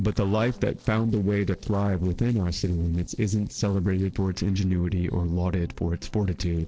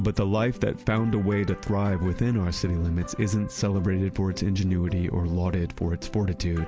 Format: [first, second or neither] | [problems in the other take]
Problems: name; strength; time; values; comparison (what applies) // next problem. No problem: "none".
second | noise reduction (neural separator model SepFormer DNS4)